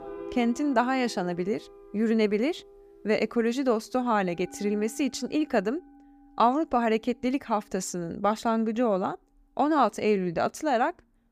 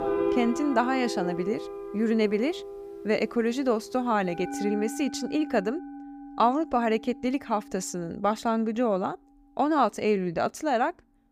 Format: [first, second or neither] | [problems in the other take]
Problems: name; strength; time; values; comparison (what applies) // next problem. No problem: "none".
first | background music; loud; throughout; 9 dB below the speech; faint in the first